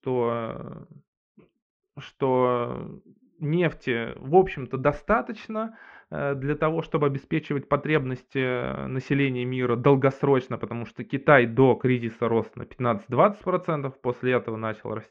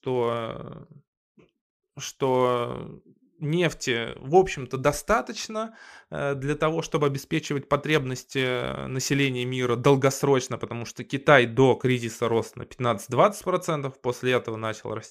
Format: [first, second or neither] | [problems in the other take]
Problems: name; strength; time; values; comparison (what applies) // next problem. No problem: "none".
second | muffled; very; fading above 2.5 kHz